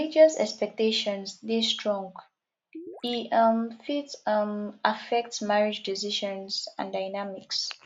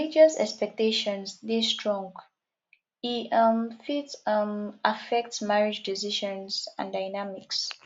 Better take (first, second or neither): second